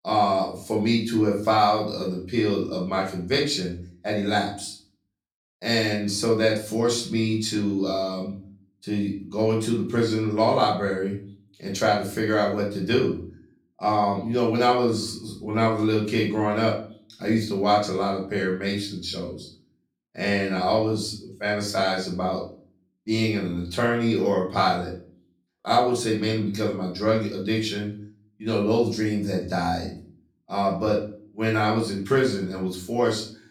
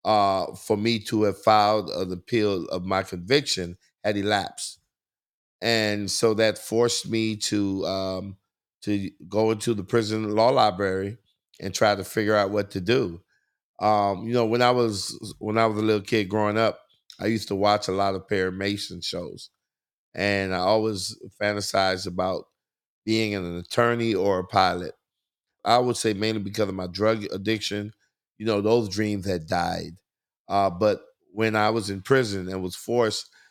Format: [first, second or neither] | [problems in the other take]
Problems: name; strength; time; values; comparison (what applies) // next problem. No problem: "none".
second | off-mic speech; far // room echo; slight; dies away in 0.4 s